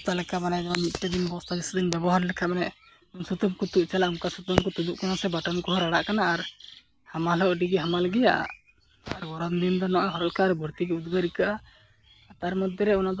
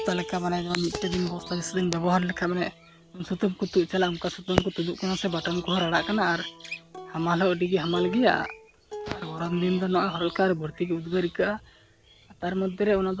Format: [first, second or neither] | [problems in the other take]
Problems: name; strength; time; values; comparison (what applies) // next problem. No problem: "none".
first | background sound (Acoustic guitar); 16 dB below the speech